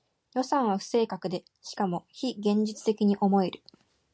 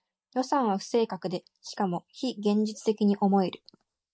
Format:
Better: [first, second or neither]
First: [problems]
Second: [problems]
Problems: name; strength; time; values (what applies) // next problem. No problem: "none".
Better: first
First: none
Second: noise reduction (neural mask model Resemble Enhance denoiser)